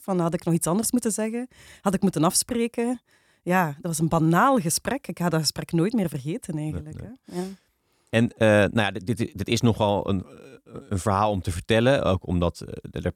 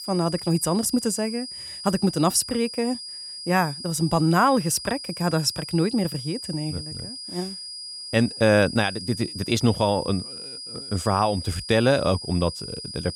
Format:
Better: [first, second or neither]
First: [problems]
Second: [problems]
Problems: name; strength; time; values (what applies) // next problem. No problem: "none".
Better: first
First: none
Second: high-pitched whine; noticeable; throughout; 5 kHz, 10 dB below the speech